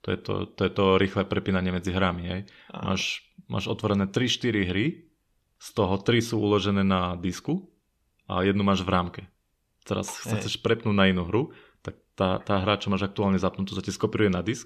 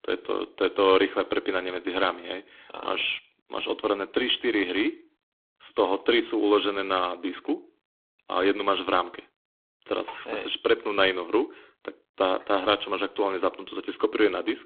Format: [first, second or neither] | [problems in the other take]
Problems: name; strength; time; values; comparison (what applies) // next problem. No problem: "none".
first | phone-call audio; poor line